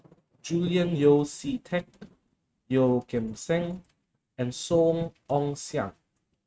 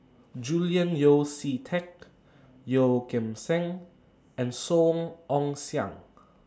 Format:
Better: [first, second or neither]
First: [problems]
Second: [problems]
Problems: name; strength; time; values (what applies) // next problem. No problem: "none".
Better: second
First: noise reduction (neural mask model RNNoise)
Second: none